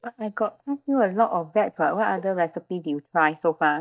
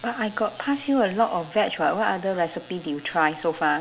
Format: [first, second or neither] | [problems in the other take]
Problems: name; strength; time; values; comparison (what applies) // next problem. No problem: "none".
second | noise reduction (neural mask model DeepFilterNet 3)